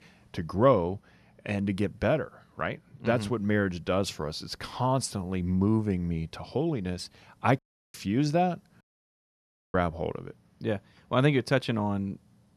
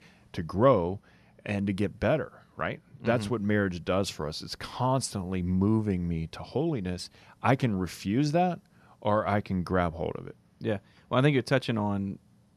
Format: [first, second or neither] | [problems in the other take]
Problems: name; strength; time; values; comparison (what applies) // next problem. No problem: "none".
second | audio cutting out; at 7.5 s and at 9 s for 1 s